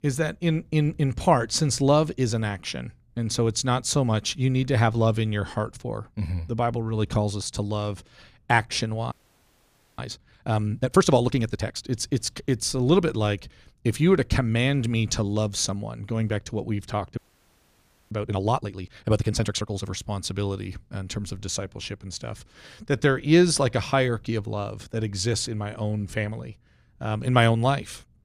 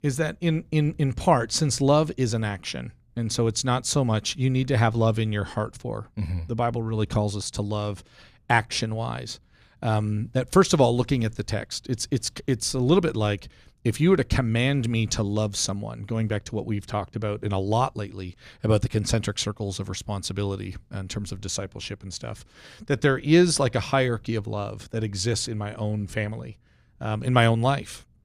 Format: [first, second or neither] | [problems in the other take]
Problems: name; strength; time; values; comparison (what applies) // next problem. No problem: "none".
second | audio freezing; at 9 s for 1 s and at 17 s for 1 s